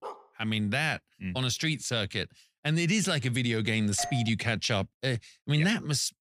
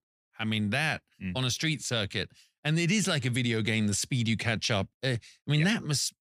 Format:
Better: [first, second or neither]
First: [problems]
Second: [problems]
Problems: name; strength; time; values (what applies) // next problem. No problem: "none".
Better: second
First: dog barking; faint; at the start; peak 15 dB below the speech // doorbell; noticeable; at 4 s; peak 8 dB below the speech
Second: none